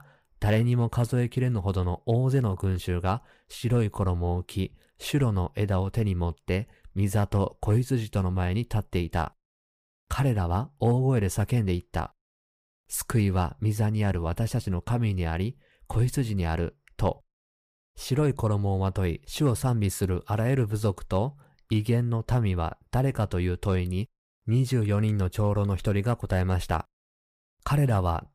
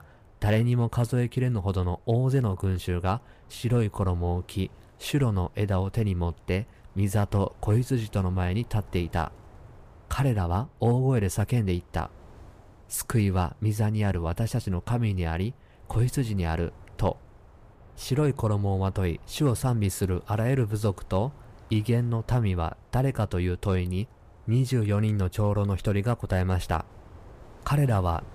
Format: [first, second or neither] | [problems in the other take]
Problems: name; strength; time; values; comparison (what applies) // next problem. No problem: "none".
first | wind noise on the microphone; occasional gusts; 25 dB below the speech